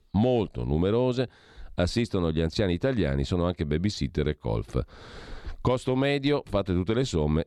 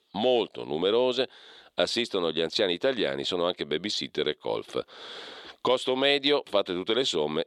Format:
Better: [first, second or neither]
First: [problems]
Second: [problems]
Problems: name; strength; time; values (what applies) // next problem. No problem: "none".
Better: first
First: none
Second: thin; somewhat; fading below 450 Hz